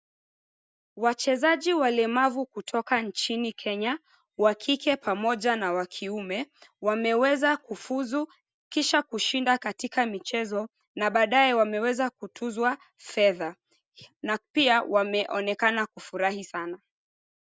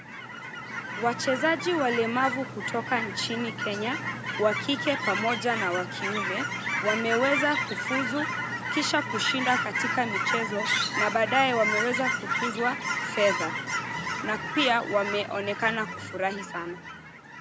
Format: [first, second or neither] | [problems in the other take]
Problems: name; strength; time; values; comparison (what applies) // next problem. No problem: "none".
first | background sound (Chirp, tweet / Fowl); 2 dB below the speech